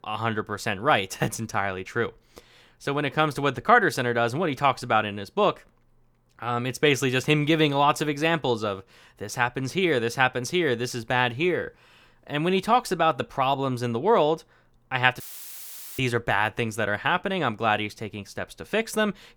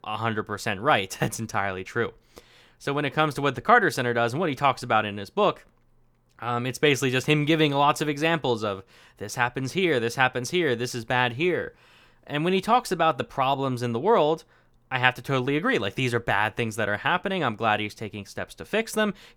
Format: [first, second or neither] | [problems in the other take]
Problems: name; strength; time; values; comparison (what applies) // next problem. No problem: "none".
second | audio cutting out; filled with static; at 15 s for 1 s